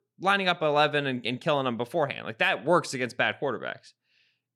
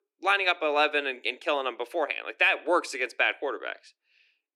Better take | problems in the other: first | thin; somewhat; fading below 300 Hz

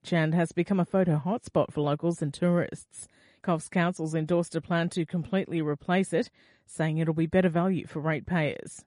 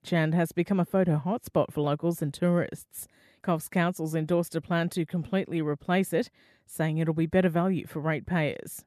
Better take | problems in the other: second | garbled, watery; slightly; nothing above 10.5 kHz

